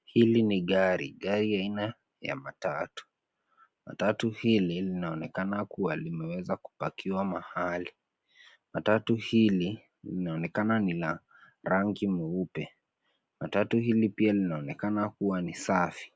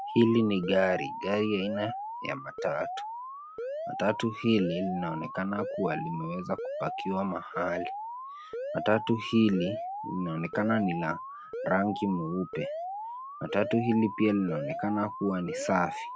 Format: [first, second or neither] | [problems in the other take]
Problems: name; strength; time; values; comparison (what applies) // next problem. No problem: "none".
first | background sound (Alarm); 7 dB below the speech